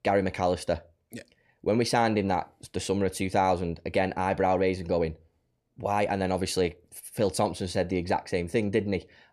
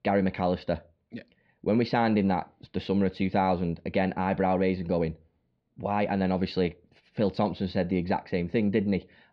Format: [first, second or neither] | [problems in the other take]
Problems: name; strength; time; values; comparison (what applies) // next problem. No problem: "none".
first | muffled; very slightly; fading above 4 kHz